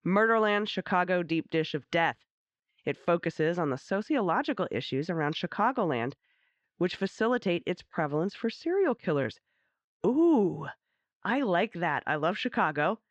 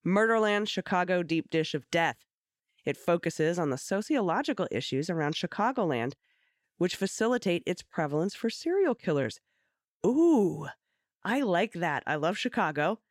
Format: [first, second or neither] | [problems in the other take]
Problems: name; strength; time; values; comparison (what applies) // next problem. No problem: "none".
second | muffled; very slightly; fading above 4.5 kHz